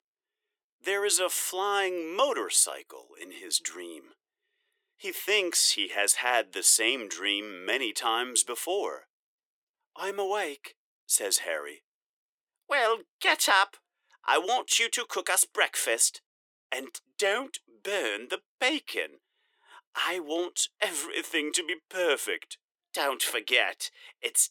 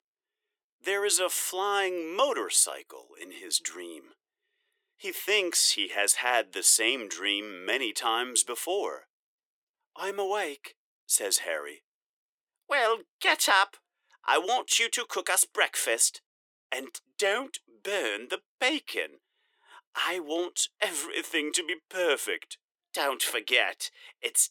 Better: neither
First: thin; very; fading below 400 Hz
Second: thin; very; fading below 400 Hz

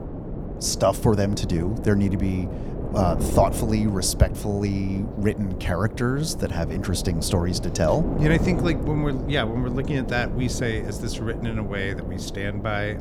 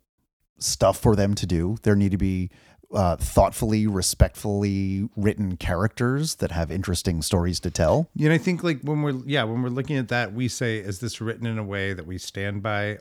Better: second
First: wind noise on the microphone; heavy; 9 dB below the speech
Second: none

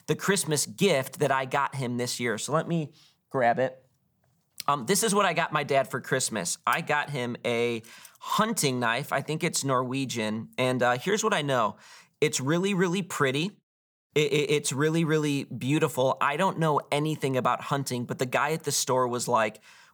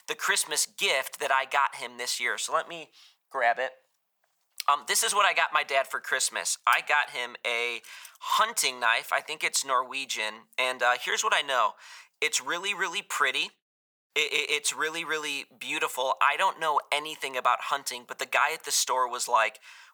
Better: first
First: none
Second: thin; very; fading below 900 Hz

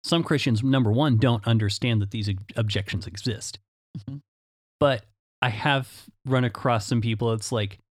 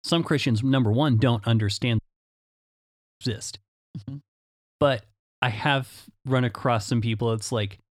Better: first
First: none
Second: audio cutting out; at 2 s for 1 s

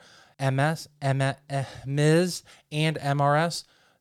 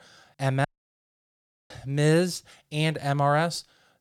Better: first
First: none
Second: audio cutting out; at 0.5 s for 1 s

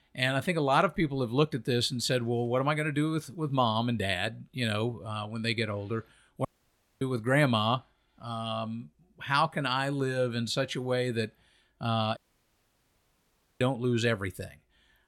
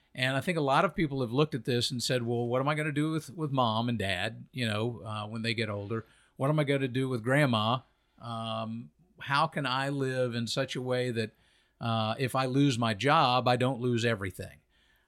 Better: second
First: audio cutting out; at 6.5 s for 0.5 s and at 12 s for 1.5 s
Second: none

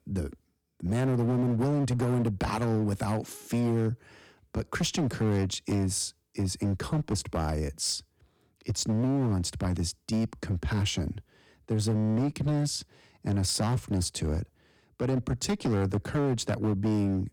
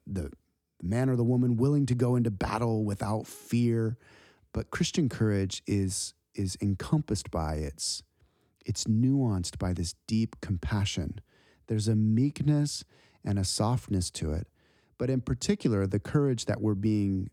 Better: second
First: distortion; slight; 16% of the sound clipped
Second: none

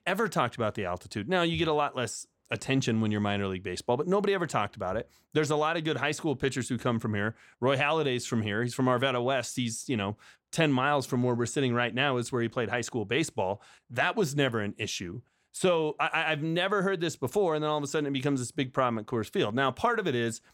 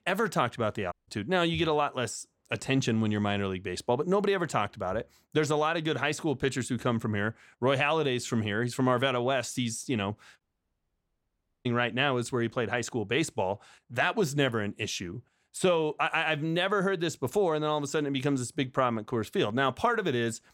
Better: first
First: none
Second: audio cutting out; at 1 s and at 10 s for 1.5 s

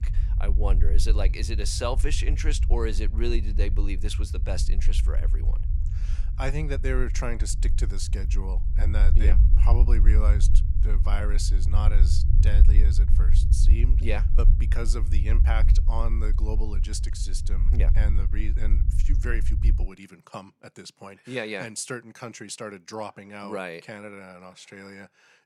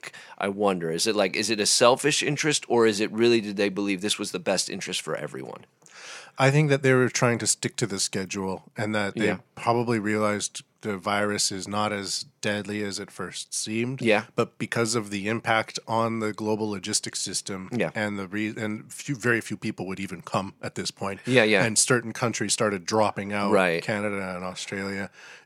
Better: second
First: low rumble; loud; until 20 s; 9 dB below the speech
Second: none

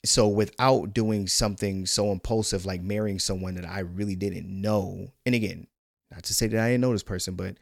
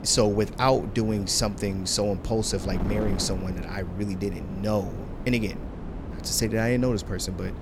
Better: first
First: none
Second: wind noise on the microphone; occasional gusts; 15 dB below the speech

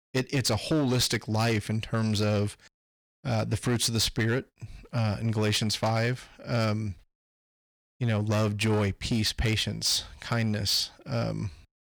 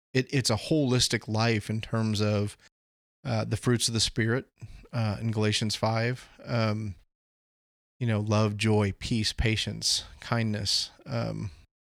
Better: second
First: distortion; slight; 10% of the sound clipped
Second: none

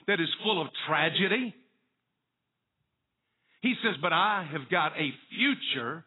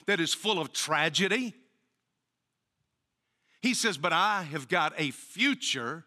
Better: second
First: garbled, watery; badly; nothing above 4 kHz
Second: none

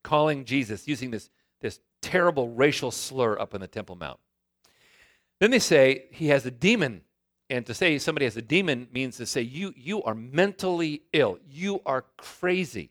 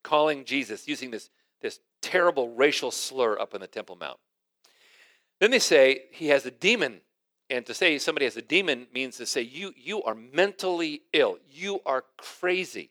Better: first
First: none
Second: thin; very slightly; fading below 400 Hz

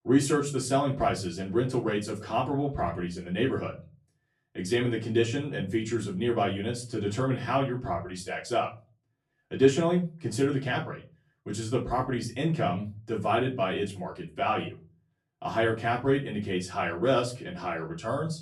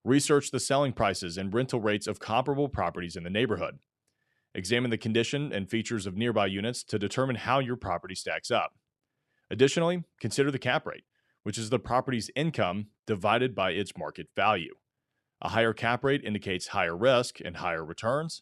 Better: second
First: off-mic speech; far // room echo; slight; dies away in 0.4 s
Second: none

